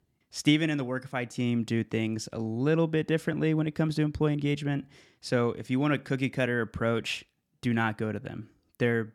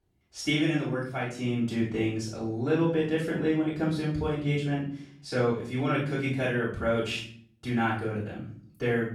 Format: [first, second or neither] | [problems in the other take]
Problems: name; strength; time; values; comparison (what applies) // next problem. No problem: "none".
first | off-mic speech; far // room echo; noticeable; dies away in 0.5 s